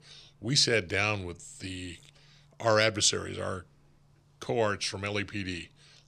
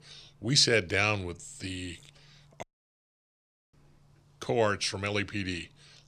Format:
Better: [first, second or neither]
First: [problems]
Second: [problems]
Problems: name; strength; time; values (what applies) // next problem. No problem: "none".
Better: first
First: none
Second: audio cutting out; at 2.5 s for 1 s